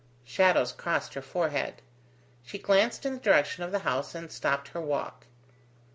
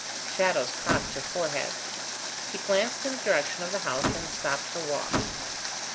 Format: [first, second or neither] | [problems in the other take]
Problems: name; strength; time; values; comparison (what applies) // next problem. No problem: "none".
first | background sound (Slam / Microwave oven + Water); 1 dB below the speech